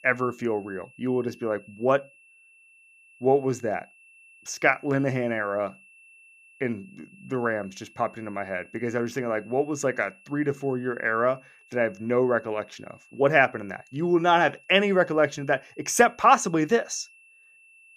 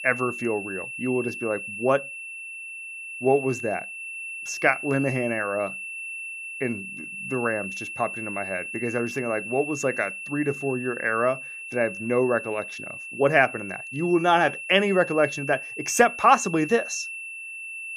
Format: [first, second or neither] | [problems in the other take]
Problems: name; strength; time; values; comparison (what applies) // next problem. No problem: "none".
first | high-pitched whine; loud; throughout; 2.5 kHz, 8 dB below the speech; faint in the first